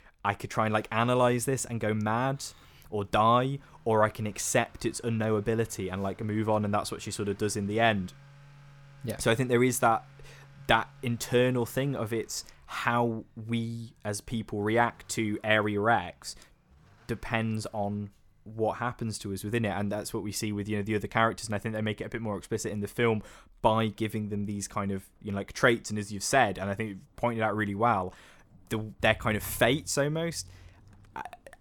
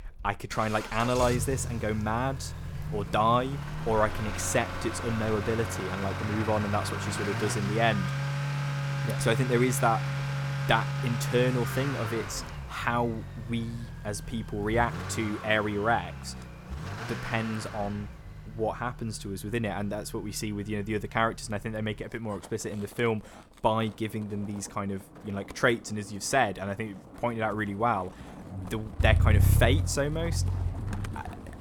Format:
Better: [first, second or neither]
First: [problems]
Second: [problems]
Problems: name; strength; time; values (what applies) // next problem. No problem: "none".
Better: first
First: traffic noise; faint; throughout; 25 dB below the speech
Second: traffic noise; loud; throughout; 3 dB below the speech